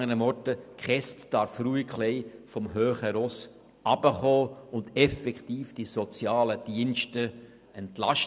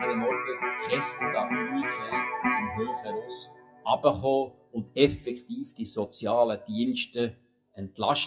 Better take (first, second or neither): first